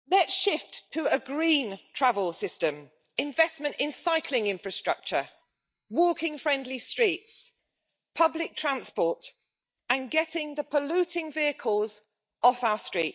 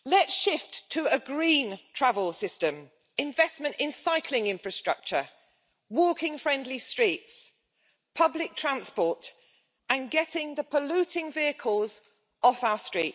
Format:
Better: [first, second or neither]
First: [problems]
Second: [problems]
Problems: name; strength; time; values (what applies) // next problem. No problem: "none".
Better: second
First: noise reduction (neural mask model DeepFilterNet 3)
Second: none